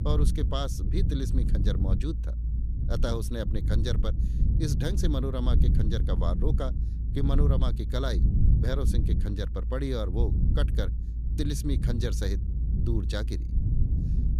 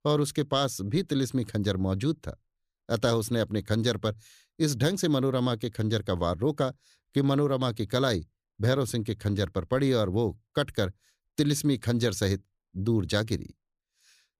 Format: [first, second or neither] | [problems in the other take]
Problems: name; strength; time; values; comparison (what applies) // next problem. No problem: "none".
second | low rumble; loud; throughout; 7 dB below the speech